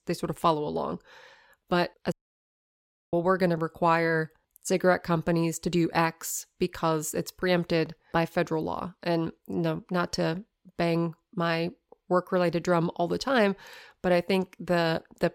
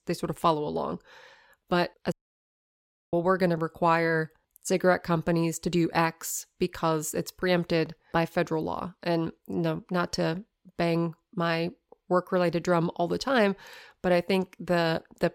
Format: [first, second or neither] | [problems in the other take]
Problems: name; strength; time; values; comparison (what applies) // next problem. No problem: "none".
neither | audio cutting out; at 2 s for 1 s; the same in both